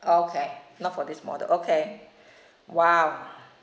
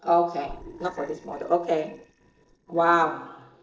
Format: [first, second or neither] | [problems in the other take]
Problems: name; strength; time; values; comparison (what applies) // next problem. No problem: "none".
first | noise reduction (neural separator model SepFormer DNS4)